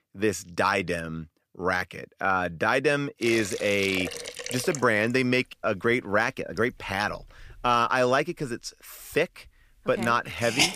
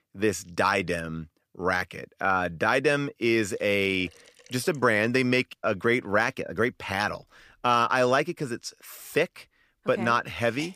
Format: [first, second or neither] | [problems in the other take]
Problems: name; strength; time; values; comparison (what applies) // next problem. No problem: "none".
second | hiss; loud; from 3.5 s on; 8 dB below the speech; faint in the second